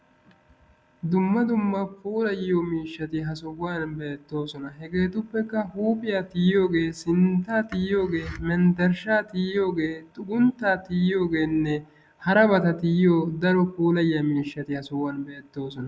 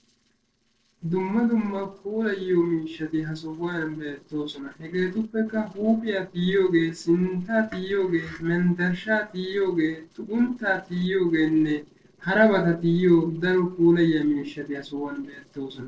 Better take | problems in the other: first | noise reduction (neural separator model SepFormer DNS4)

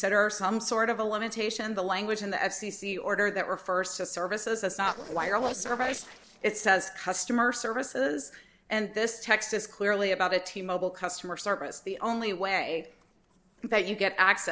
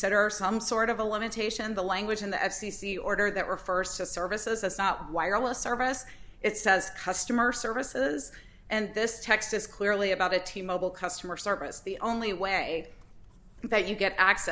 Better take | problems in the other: second | noise reduction (neural separator model SepFormer DNS4)

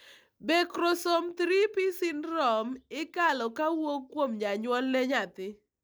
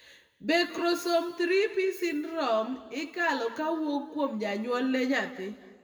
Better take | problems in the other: first | room echo; dies away in 1.4 s

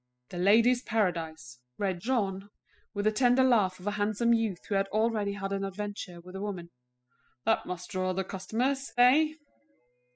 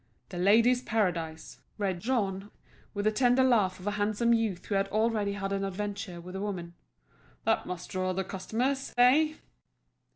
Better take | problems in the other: second | noise reduction (classical method spectral subtraction)

